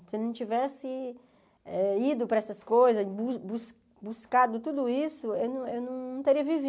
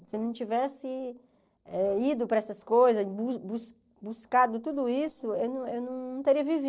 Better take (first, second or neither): first